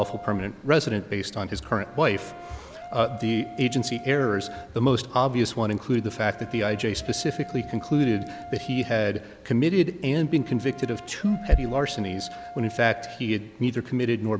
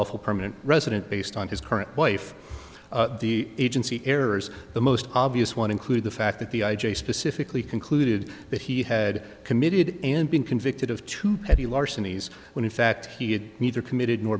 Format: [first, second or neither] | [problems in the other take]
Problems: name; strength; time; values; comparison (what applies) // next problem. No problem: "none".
second | background sound (Brass instrument); 17 dB below the speech